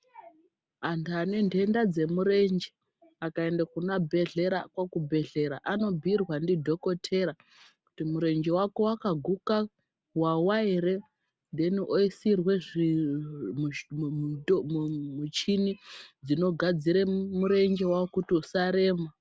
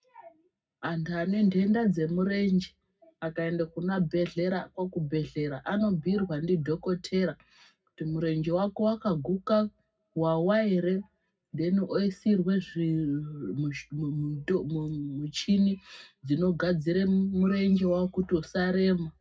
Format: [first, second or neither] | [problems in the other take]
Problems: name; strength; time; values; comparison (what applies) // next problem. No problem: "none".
first | room echo; dies away in 0.4 s